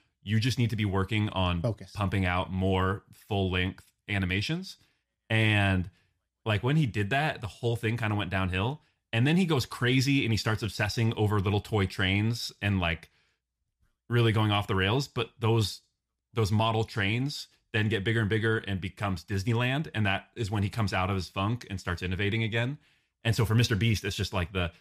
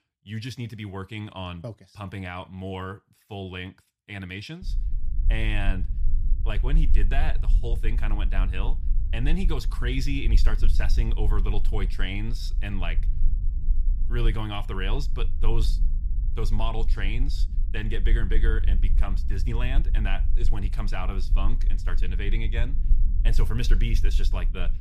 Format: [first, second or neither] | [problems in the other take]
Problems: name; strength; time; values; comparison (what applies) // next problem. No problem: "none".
first | low rumble; noticeable; from 4.5 s on; 15 dB below the speech